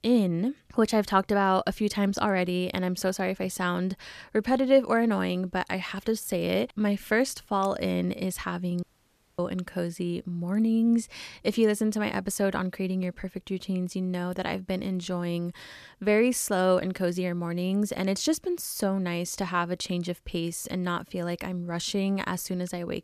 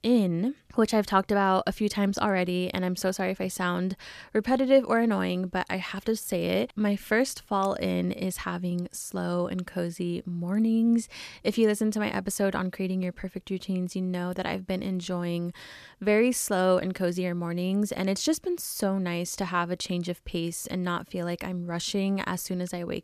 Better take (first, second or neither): second